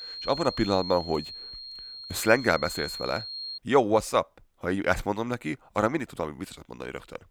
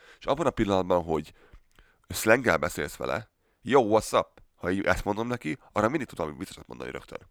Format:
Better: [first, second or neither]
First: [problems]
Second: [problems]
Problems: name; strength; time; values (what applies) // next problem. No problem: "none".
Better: second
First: high-pitched whine; loud; until 3.5 s; 4 kHz, 9 dB below the speech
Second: none